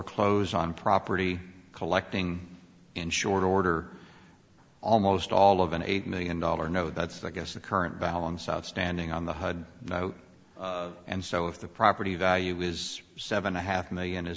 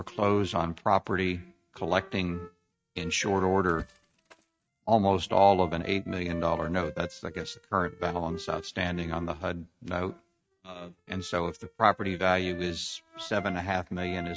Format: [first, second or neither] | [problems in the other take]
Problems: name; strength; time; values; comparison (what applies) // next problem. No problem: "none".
first | noise reduction (neural mask model RNNoise)